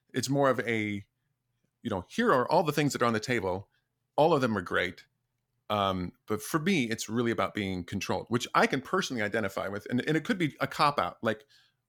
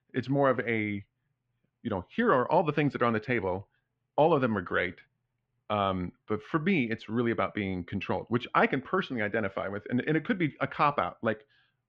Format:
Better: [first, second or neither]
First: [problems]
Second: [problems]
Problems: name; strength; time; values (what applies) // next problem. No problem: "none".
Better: first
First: none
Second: muffled; very; fading above 3 kHz